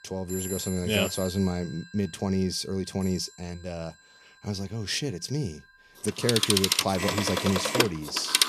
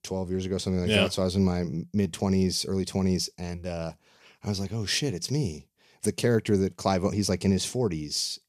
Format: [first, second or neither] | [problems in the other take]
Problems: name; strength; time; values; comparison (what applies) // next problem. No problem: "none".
second | alarms or sirens; very loud; throughout; 2 dB above the speech